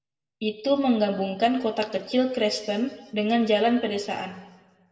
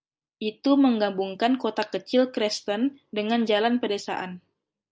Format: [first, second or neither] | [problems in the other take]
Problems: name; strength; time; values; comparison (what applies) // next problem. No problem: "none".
second | room echo; dies away in 1.2 s